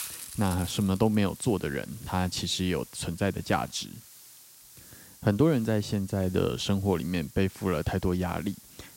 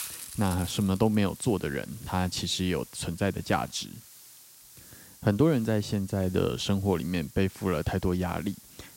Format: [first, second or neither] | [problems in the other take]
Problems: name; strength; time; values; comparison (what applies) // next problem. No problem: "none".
neither | hiss; noticeable; throughout; 20 dB below the speech; the same in both